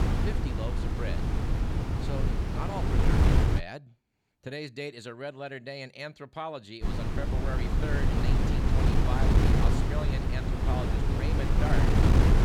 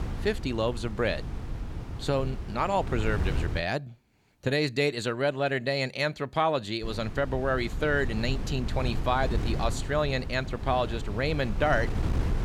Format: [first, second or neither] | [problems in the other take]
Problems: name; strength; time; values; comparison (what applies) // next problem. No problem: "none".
second | wind noise on the microphone; heavy; until 3.5 s and from 7 s on; 4 dB above the speech; occasional gusts in the second